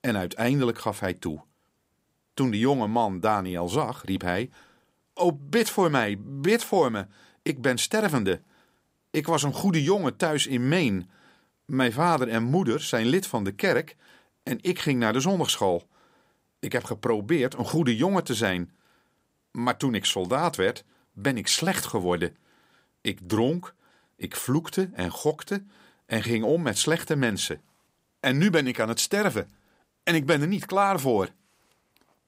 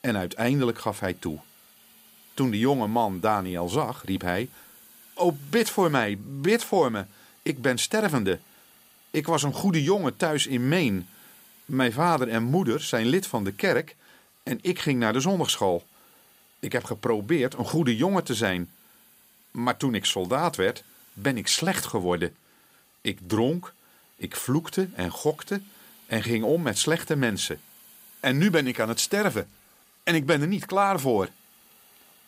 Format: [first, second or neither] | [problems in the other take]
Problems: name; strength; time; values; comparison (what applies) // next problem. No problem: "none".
first | hiss; faint; throughout; 25 dB below the speech